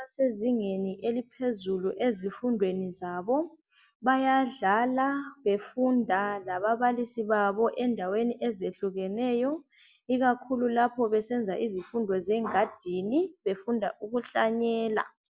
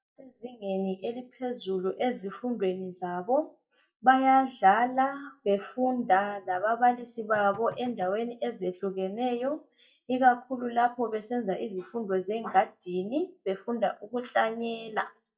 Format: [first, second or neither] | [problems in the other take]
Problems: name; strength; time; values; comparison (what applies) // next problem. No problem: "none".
first | noise reduction (neural mask model DeepFilterNet 3)